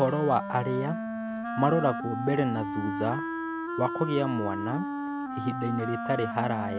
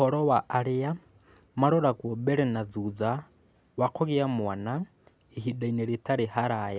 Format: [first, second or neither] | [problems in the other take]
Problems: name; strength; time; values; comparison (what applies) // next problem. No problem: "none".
second | background sound (Wind instrument, woodwind instrument); 4 dB below the speech